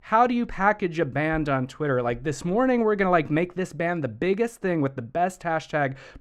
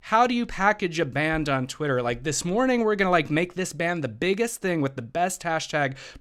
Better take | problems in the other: second | muffled; slightly; fading above 2.5 kHz

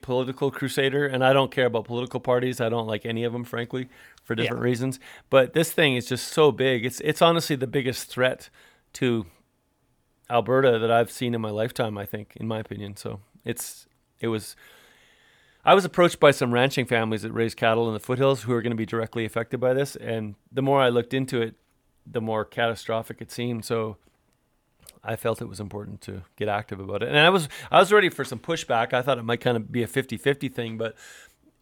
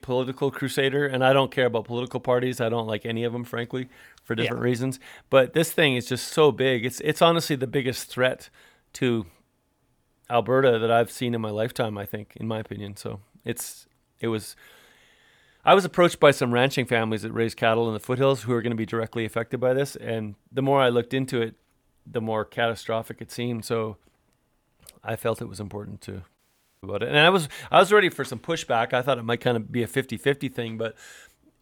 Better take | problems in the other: first | audio cutting out; at 26 s

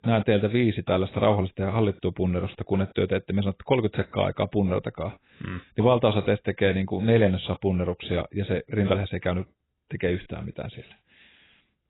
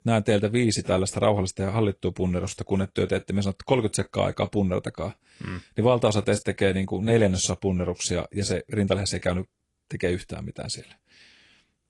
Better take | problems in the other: second | garbled, watery; badly; nothing above 4 kHz; slightly in the second

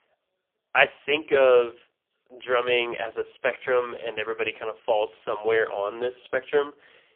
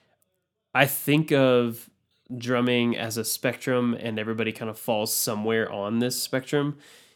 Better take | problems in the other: second | phone-call audio; poor line; nothing above 3 kHz

